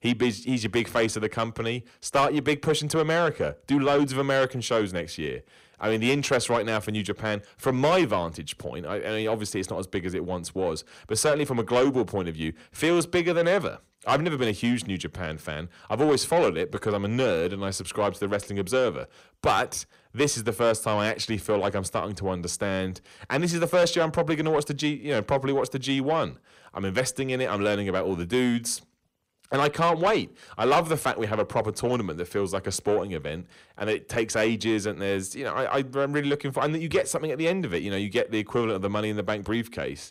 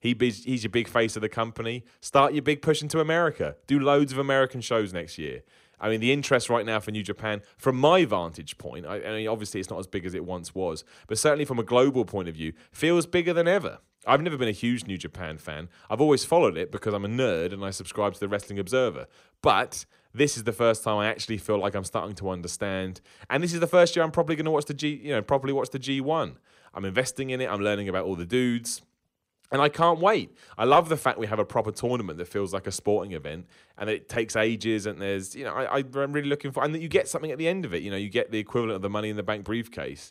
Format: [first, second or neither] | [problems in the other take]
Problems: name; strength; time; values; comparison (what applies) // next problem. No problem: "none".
second | distortion; slight; 10 dB below the speech